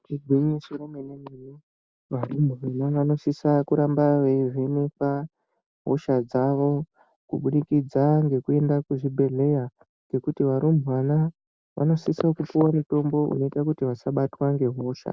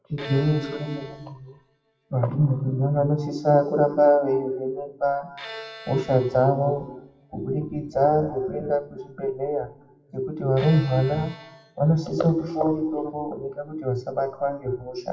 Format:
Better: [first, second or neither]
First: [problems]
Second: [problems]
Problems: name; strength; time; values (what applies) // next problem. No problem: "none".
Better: first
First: none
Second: noise reduction (classical method WPE with log-MMSE)